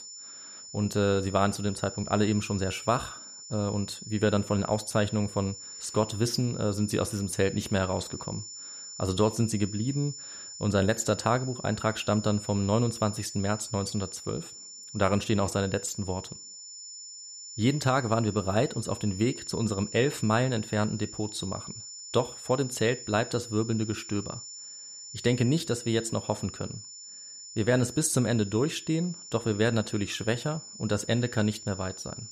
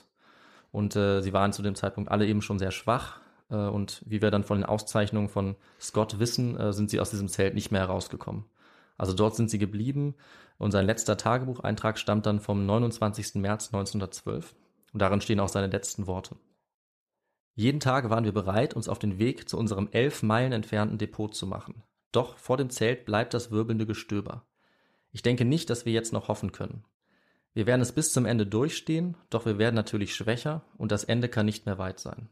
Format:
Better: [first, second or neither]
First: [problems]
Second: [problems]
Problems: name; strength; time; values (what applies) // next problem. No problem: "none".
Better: second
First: high-pitched whine; noticeable; throughout; 7 kHz, 10 dB below the speech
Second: none